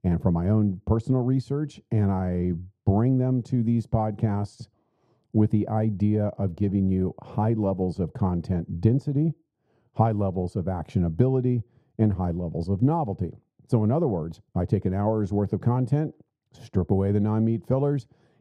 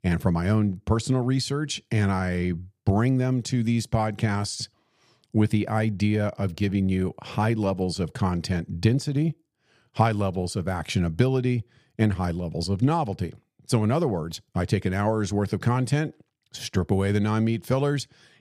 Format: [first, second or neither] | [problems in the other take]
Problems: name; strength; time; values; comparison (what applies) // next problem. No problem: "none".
second | muffled; very; fading above 1 kHz